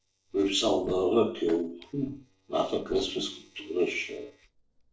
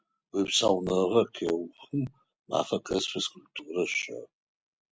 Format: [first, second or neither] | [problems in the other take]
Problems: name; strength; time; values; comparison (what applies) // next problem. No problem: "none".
second | noise reduction (neural separator model SepFormer DNS4)